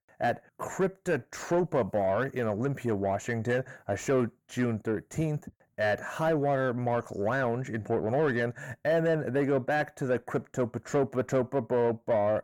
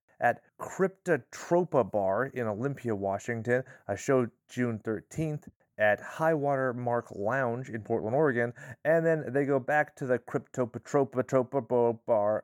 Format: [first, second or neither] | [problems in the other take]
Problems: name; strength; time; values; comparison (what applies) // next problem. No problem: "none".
second | distortion; slight; 10 dB below the speech